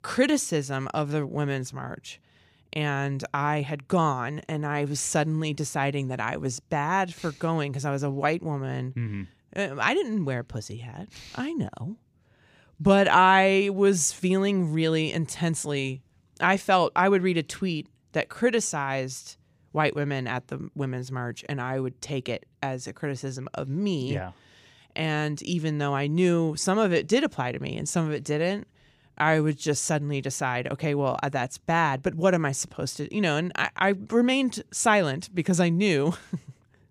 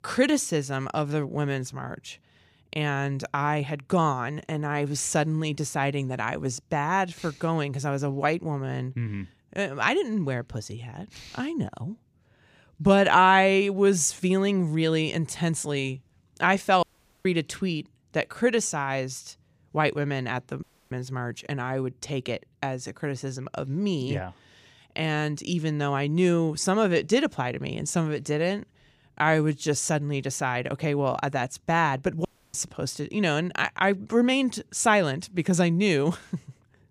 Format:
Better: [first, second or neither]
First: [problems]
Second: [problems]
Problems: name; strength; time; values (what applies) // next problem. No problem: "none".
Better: first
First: none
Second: audio cutting out; at 17 s, at 21 s and at 32 s